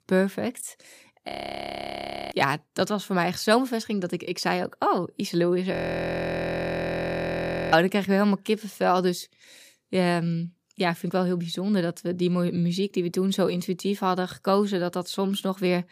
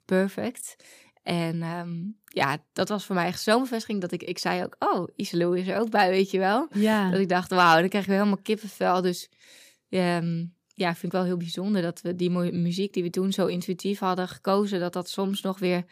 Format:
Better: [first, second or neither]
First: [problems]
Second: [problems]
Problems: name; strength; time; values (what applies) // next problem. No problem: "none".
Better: second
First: audio freezing; at 1.5 s for 1 s and at 5.5 s for 2 s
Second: none